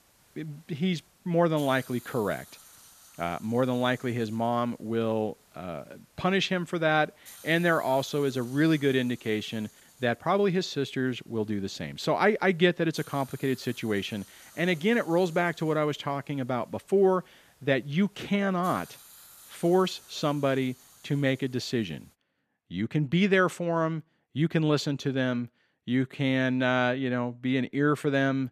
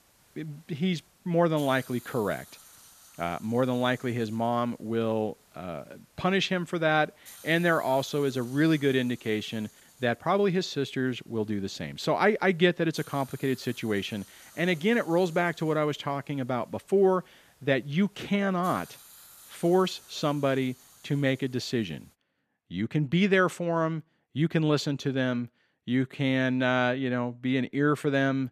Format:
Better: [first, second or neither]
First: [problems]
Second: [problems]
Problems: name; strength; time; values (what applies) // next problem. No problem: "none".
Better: neither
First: hiss; faint; until 22 s; 25 dB below the speech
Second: hiss; faint; until 22 s; 25 dB below the speech